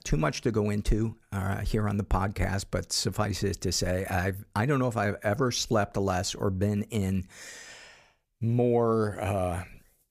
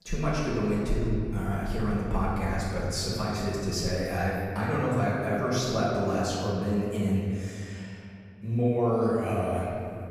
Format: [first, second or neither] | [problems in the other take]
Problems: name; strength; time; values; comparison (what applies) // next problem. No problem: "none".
first | off-mic speech; far // room echo; strong; dies away in 2.2 s